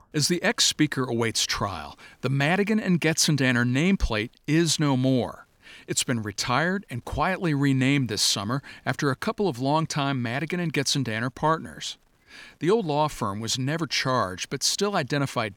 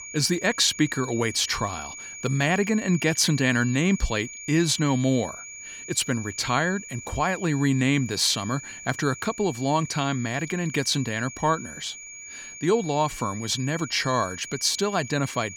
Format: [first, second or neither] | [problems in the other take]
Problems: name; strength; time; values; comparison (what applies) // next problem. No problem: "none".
first | high-pitched whine; noticeable; throughout; 2.5 kHz, 15 dB below the speech